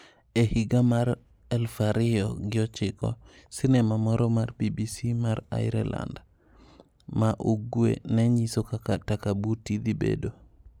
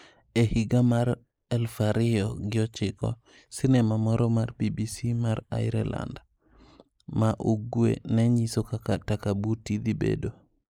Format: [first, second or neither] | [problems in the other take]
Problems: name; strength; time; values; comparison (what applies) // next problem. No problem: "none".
first | noise reduction (neural mask model Resemble Enhance denoiser)